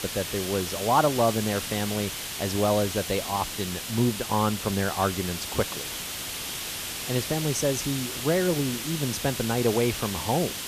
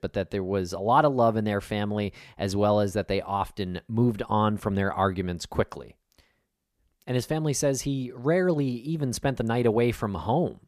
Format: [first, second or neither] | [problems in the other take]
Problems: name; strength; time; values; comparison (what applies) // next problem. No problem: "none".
second | hiss; loud; throughout; 4 dB below the speech